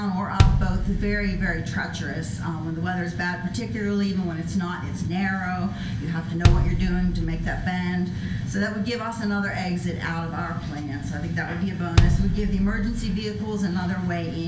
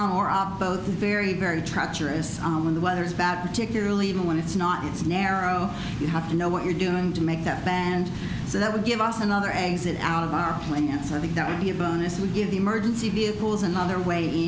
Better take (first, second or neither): second